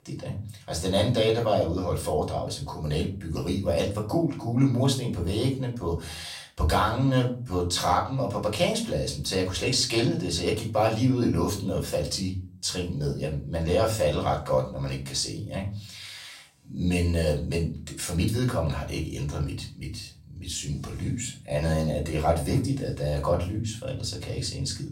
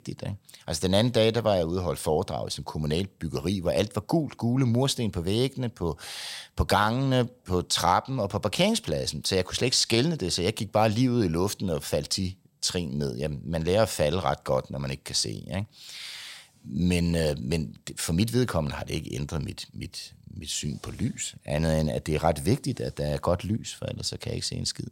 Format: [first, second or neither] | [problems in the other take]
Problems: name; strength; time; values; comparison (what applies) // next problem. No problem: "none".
second | off-mic speech; far // room echo; slight; dies away in 0.4 s